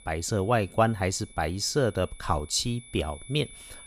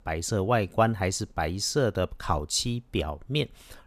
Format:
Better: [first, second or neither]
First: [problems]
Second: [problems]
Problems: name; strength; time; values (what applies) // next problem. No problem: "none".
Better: second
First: high-pitched whine; faint; throughout; 10 kHz, 20 dB below the speech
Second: none